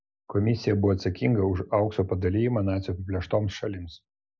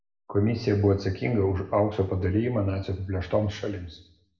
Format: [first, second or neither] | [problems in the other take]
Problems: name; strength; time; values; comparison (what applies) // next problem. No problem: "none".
first | room echo; dies away in 0.6 s